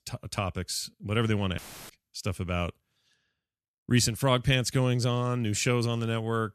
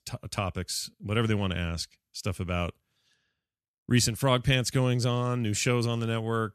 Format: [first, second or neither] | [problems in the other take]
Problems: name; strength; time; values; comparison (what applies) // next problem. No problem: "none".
second | audio cutting out; filled with static; at 1.5 s